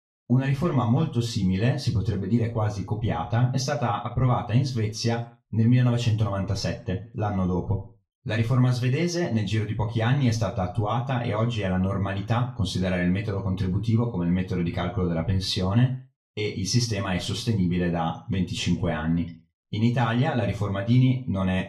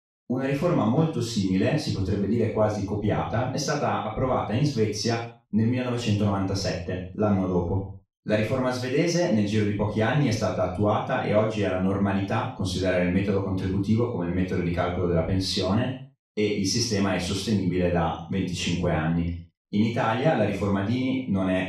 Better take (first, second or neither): first